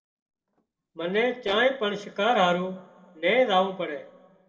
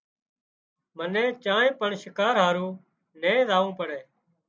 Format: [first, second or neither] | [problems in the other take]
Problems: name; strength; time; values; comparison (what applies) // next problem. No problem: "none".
second | noise reduction (neural separator model SepFormer DNS4)